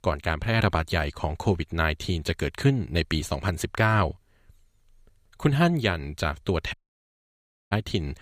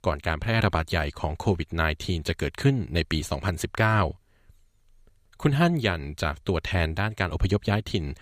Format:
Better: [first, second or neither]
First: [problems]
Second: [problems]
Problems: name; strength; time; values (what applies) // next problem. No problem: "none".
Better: second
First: audio cutting out; at 6.5 s for 1 s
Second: none